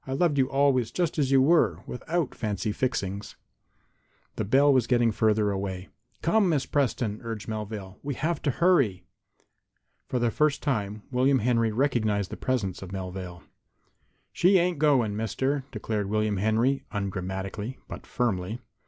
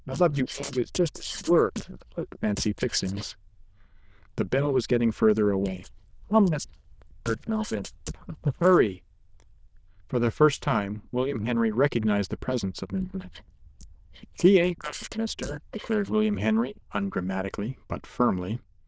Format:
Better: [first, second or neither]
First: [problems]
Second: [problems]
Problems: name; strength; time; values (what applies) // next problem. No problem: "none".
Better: first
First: none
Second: noise reduction (neural diffusion model UNIVERSE++)